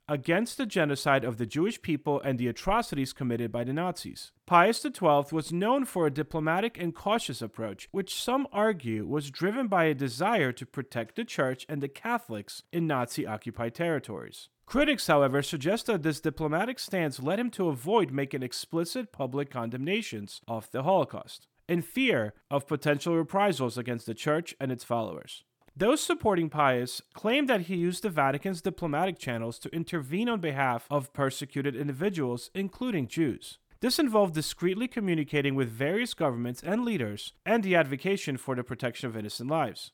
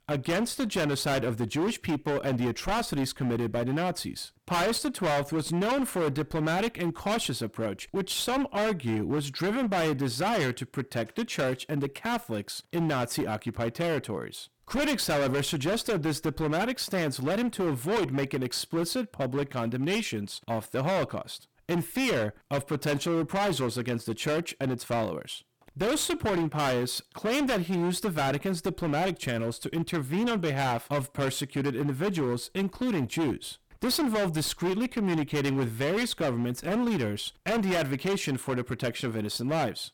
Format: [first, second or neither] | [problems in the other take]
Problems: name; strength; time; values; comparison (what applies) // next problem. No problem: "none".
first | distortion; heavy; 22% of the sound clipped